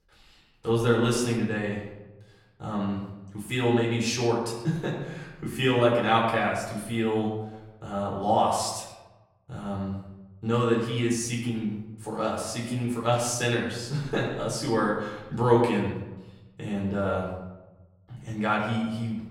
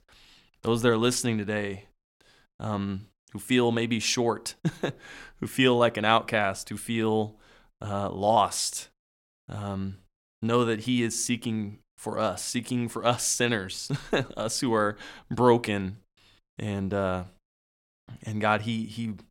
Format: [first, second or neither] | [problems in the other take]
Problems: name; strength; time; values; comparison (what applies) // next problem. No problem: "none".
second | off-mic speech; far // room echo; noticeable; dies away in 1 s